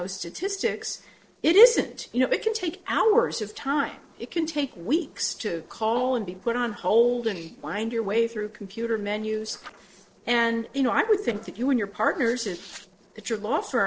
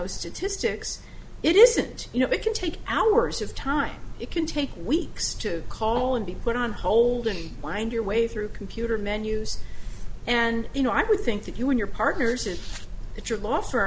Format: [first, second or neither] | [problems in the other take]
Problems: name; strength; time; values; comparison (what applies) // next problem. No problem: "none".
second | noise reduction (neural separator model SepFormer DNS4)